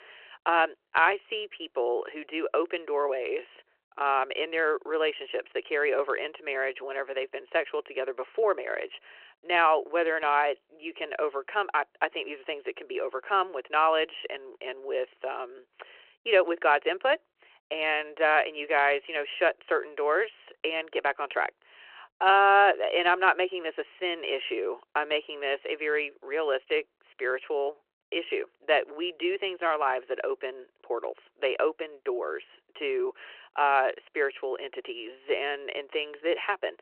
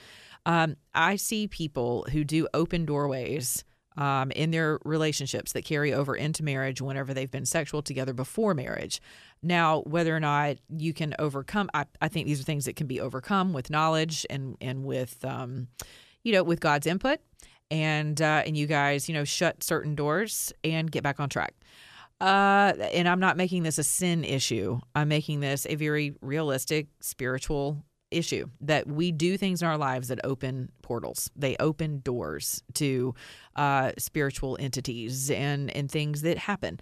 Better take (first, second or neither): second